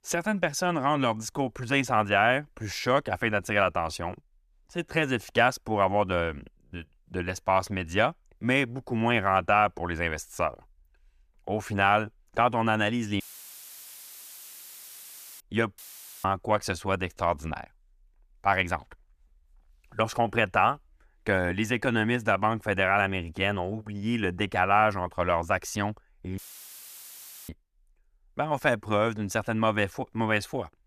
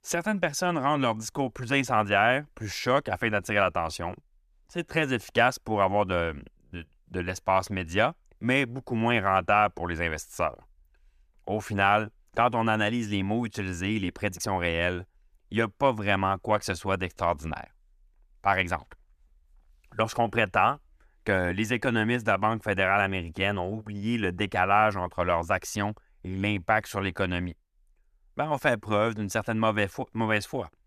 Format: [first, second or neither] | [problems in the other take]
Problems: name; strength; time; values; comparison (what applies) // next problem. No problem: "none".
second | audio cutting out; filled with static; at 13 s for 2 s, at 16 s and at 26 s for 1 s